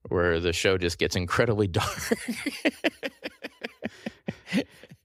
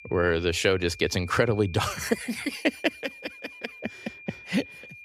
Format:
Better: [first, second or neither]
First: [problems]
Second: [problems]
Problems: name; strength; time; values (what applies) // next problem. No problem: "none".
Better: first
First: none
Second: high-pitched whine; noticeable; throughout; 2.5 kHz, 15 dB below the speech